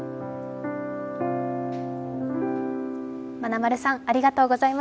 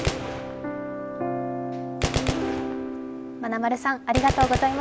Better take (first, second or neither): first